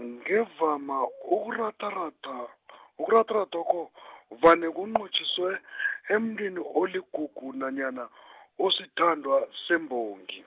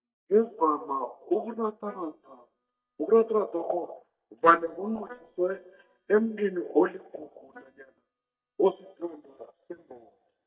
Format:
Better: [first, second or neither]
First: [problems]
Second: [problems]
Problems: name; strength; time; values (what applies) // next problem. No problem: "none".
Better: first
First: none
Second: noise reduction (neural mask model DeepFilterNet 3)